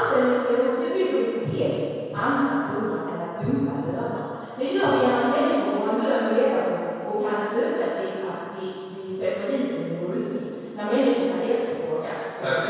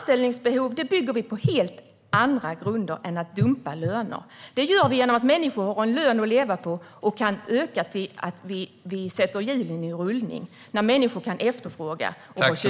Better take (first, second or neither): second